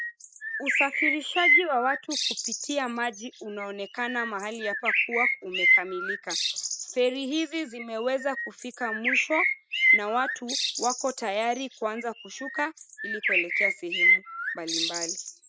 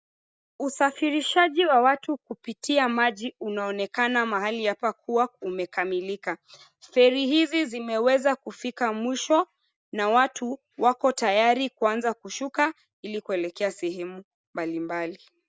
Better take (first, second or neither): second